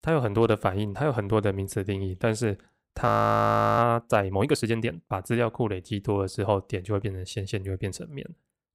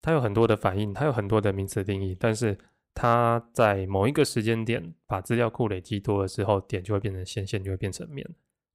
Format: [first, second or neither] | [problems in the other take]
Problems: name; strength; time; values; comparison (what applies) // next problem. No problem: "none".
second | audio freezing; at 3 s for 0.5 s